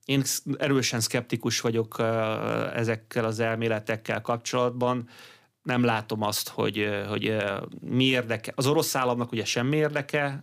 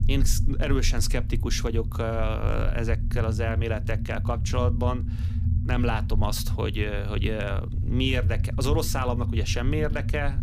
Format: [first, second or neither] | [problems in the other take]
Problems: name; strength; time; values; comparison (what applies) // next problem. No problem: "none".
first | low rumble; noticeable; throughout; 10 dB below the speech